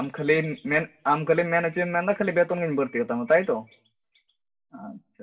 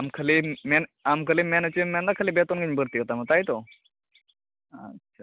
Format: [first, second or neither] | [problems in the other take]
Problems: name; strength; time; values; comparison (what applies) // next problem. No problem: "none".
second | room echo; dies away in 0.2 s